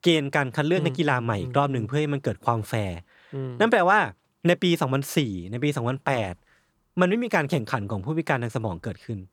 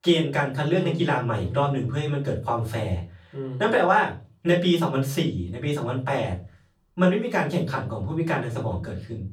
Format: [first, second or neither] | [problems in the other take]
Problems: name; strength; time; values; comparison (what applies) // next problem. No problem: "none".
first | off-mic speech; far // room echo; very slight; dies away in 0.3 s